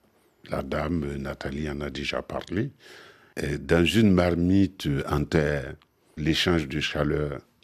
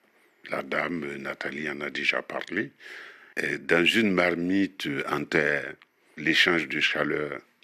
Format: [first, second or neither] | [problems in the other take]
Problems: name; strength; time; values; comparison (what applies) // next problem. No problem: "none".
first | thin; somewhat; fading below 300 Hz